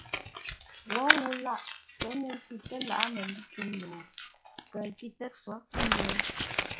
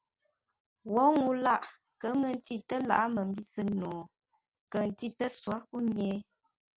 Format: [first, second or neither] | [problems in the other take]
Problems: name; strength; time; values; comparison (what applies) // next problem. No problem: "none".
second | noise reduction (classical method log-MMSE)